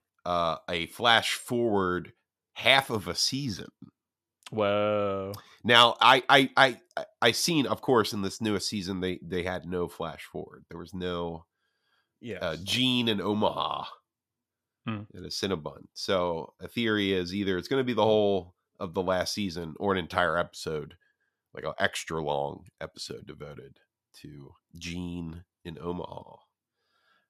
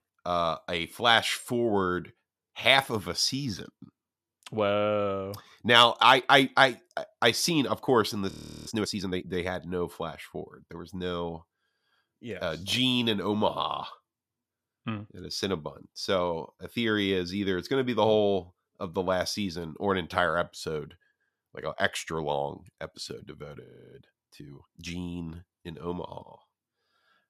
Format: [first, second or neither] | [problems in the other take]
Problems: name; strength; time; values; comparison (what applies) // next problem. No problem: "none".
first | audio freezing; at 8.5 s and at 24 s